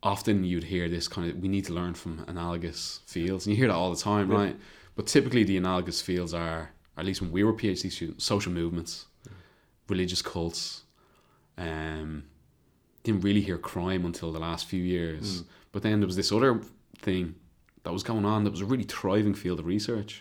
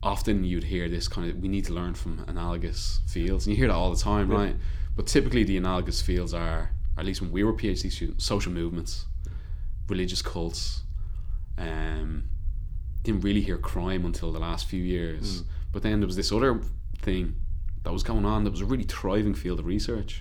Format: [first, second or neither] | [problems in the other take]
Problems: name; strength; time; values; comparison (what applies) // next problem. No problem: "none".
first | low rumble; faint; throughout; 25 dB below the speech